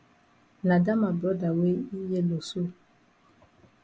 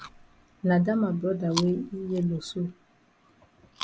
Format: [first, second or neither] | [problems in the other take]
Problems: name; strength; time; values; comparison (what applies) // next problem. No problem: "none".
first | background sound (Chewing, mastication); 14 dB below the speech